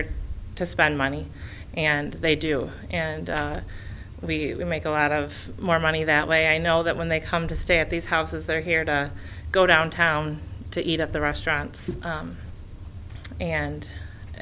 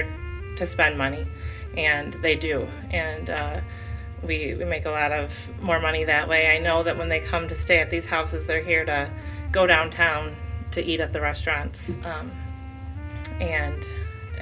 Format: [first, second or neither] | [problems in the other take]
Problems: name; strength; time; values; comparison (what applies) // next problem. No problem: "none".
first | background sound (Wind instrument, woodwind instrument); 19 dB below the speech // room echo; dies away in 0.2 s